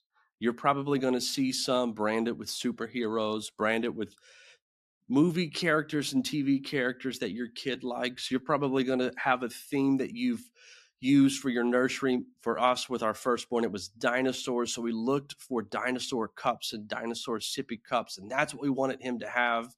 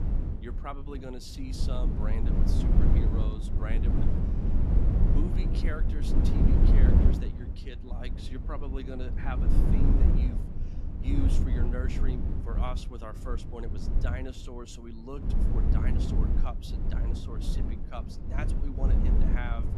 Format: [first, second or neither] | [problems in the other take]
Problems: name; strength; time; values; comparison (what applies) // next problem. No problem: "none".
first | wind noise on the microphone; heavy; 1 dB above the speech